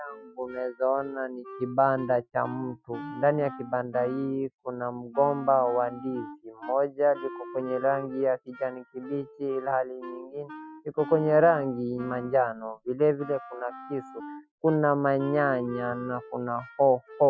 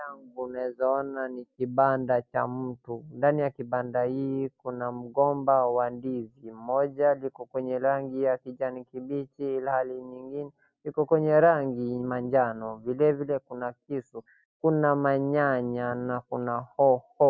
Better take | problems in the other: second | noise reduction (classical method Wiener filter)

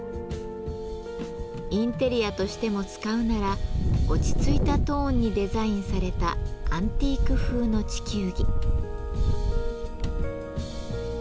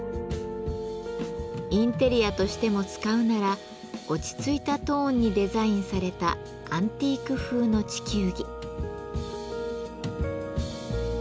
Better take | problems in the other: second | background sound (Wind); 2 dB above the speech

